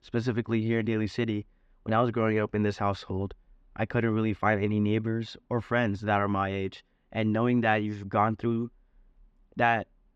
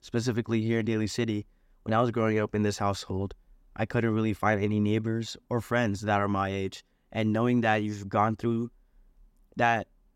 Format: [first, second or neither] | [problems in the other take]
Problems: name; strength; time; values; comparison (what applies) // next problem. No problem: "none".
second | muffled; slightly; fading above 3 kHz